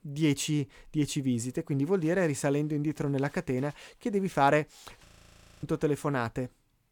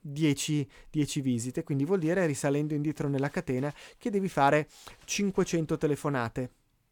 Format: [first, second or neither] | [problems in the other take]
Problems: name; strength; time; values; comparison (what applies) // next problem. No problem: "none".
second | audio freezing; at 5 s for 0.5 s